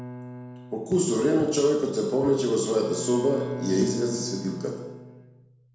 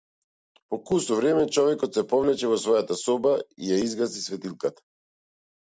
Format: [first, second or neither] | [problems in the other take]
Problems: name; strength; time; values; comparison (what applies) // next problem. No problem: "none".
second | background sound (Bowed string instrument); 13 dB below the speech // room echo; dies away in 1 s